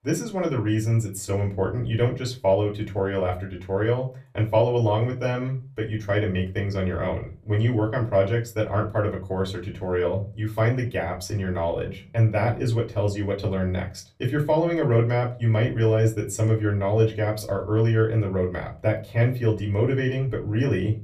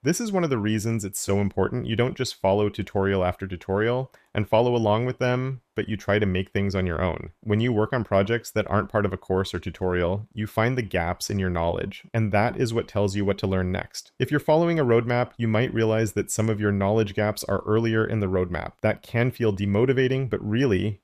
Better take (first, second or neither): second